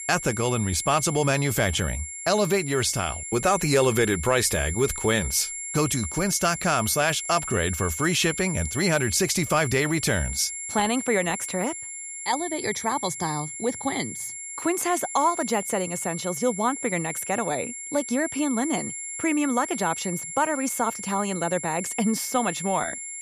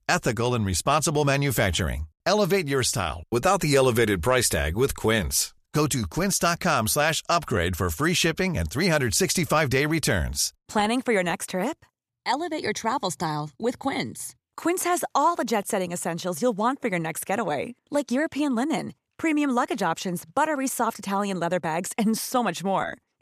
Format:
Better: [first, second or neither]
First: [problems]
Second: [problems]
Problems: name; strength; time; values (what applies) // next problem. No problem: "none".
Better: second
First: high-pitched whine; loud; throughout; 7.5 kHz, 7 dB below the speech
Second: none